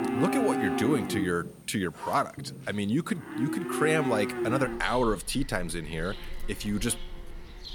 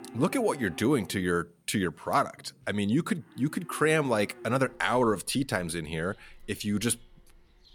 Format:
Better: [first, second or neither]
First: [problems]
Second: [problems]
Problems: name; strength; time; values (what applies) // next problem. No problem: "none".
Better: second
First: animal sounds; loud; throughout; 4 dB below the speech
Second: animal sounds; faint; throughout; 20 dB below the speech